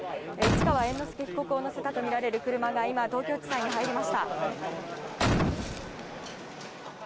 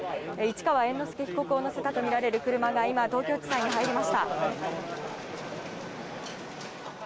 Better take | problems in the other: second | background sound (Boom); 2 dB above the speech

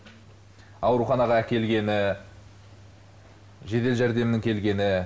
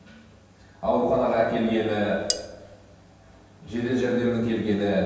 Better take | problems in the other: first | background sound (Cutlery, silverware); 6 dB below the speech // room echo; dies away in 1.2 s

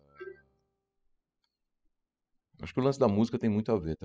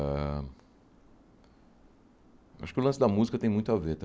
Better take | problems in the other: second | noise reduction (classical method spectral subtraction)

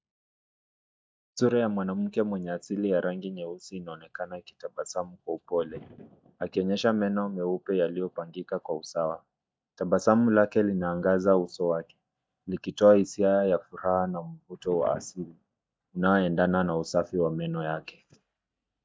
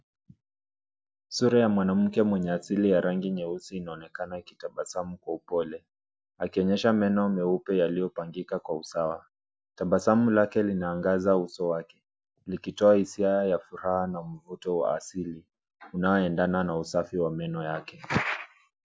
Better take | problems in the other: second | noise reduction (neural mask model DeepFilterNet 3)

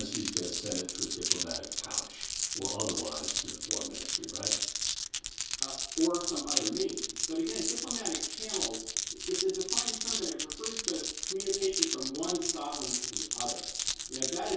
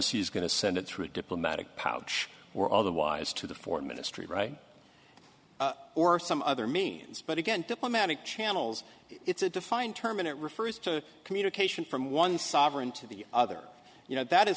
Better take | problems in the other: second | background sound (Glass); 3 dB above the speech // room echo; dies away in 0.6 s

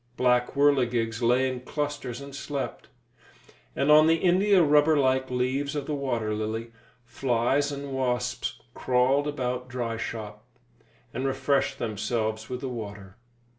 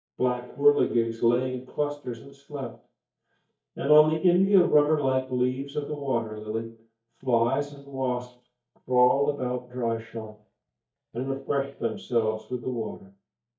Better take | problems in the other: first | noise reduction (neural mask model DeepFilterNet 3)

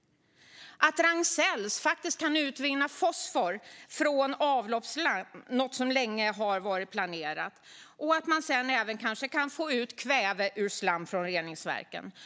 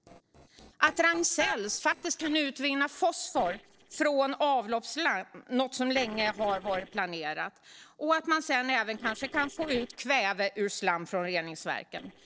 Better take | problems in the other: first | noise reduction (neural separator model SepFormer DNS4)

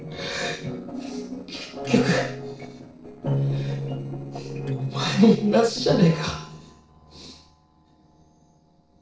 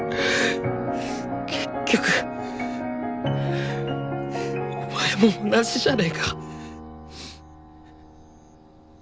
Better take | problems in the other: second | noise reduction (neural separator model SepFormer DNS4)

